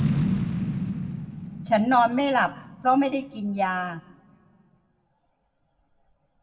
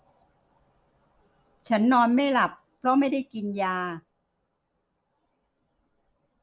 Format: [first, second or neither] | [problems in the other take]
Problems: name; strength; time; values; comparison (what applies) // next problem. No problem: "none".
second | background sound (Boom); 5 dB below the speech // room echo; dies away in 0.9 s